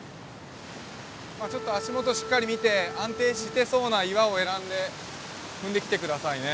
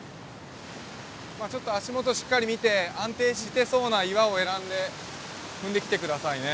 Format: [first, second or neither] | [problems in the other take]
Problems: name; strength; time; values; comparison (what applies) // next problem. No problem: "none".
second | background sound (Wind instrument, woodwind instrument); 11 dB below the speech